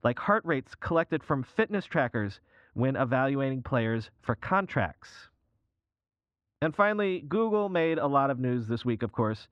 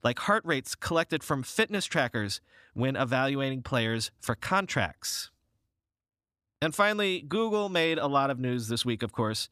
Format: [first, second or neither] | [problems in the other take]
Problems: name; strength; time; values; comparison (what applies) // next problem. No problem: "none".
second | muffled; very; fading above 1.5 kHz